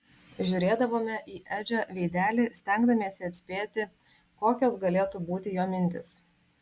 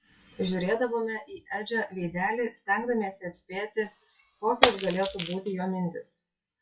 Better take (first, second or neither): first